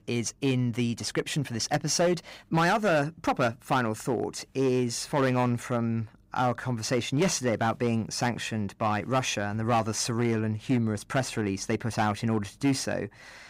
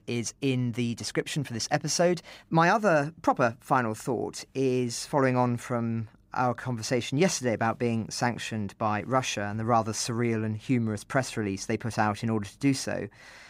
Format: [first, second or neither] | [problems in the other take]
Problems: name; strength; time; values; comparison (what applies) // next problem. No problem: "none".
second | distortion; slight; 5% of the sound clipped